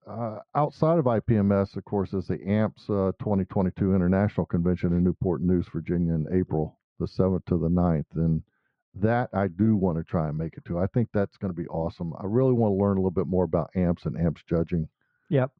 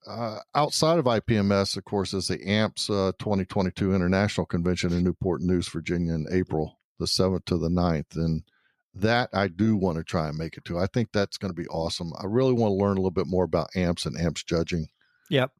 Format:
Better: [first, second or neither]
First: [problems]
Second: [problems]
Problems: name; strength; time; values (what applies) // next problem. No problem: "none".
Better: second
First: muffled; very; fading above 1 kHz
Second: none